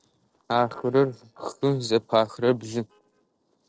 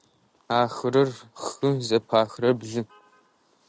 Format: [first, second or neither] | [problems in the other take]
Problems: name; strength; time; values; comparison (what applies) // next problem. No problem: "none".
second | noise reduction (neural separator model SepFormer DNS4)